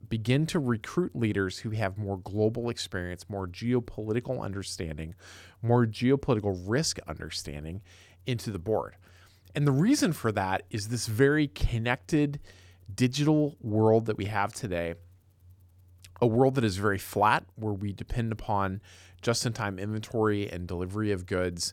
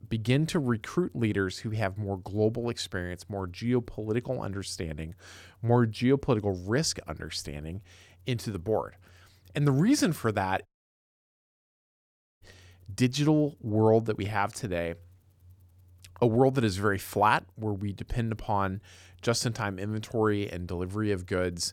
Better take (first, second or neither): first